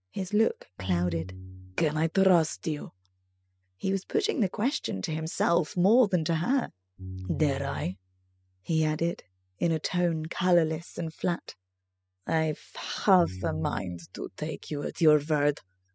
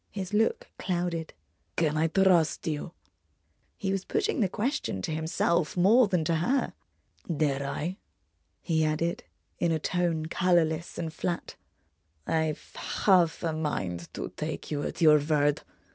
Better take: second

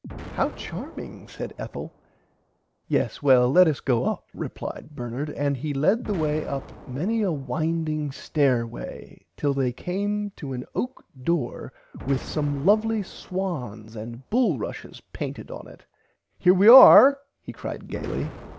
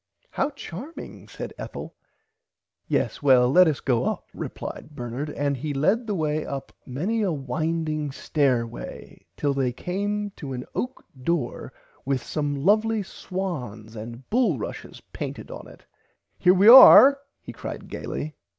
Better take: second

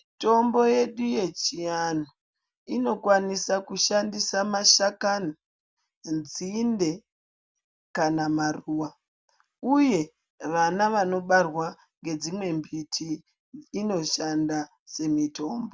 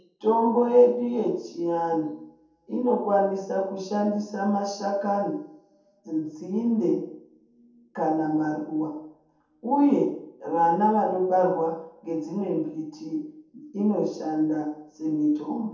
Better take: first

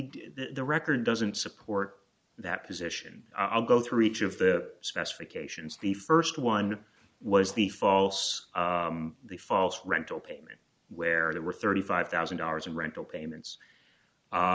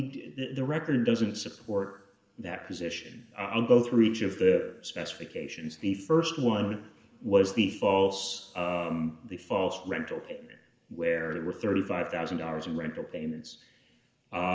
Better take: first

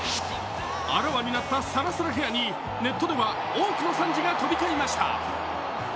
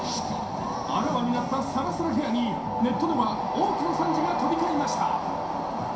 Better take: first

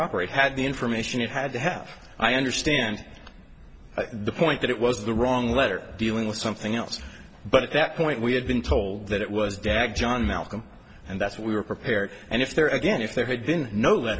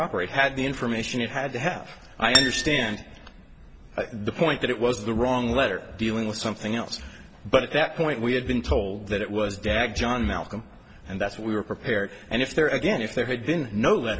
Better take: first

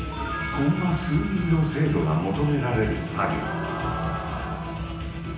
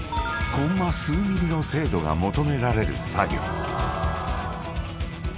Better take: second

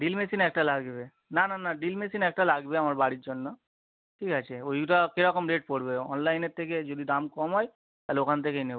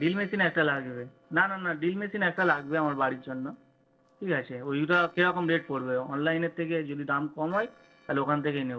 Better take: first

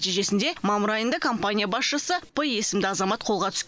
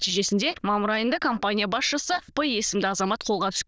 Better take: first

